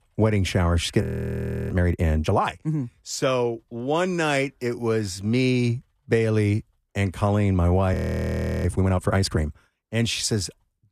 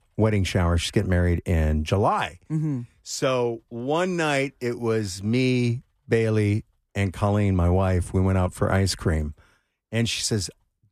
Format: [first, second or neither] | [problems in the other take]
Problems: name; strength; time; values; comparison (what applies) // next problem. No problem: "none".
second | audio freezing; at 1 s for 0.5 s and at 8 s for 0.5 s